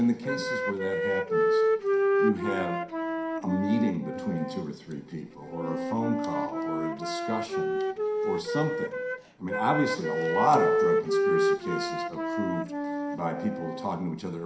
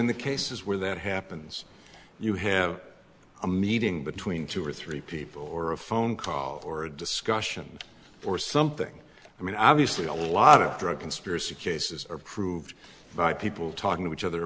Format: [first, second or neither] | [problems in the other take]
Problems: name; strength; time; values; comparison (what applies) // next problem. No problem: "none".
second | background sound (Wind instrument, woodwind instrument); 3 dB above the speech // room echo; dies away in 0.5 s